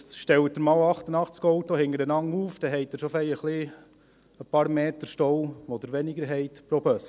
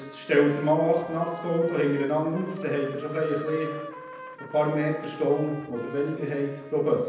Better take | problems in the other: first | background sound (Trumpet); 15 dB below the speech // room echo; dies away in 0.9 s

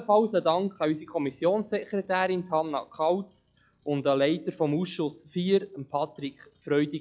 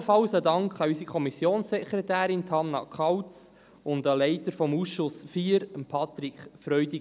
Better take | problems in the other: second | noise reduction (classical method log-MMSE)

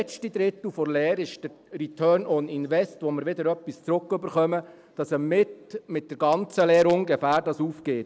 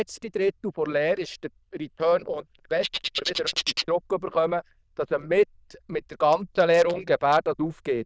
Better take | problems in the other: first | noise reduction (neural diffusion model UNIVERSE++)

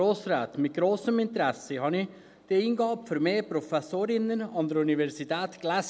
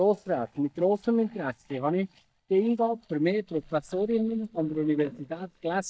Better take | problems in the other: first | noise reduction (neural mask model DeepFilterNet 3)

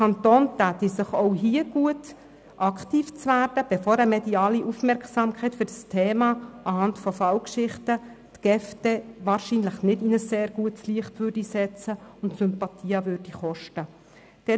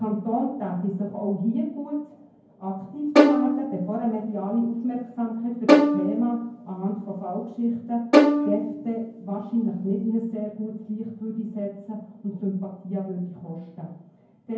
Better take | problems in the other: first | background sound (Bowed string instrument); 5 dB above the speech // room echo; dies away in 0.9 s

